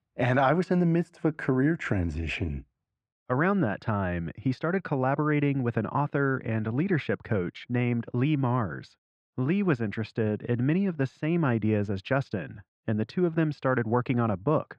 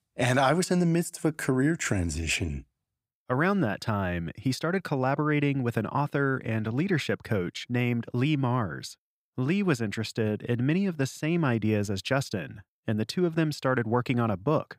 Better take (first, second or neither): second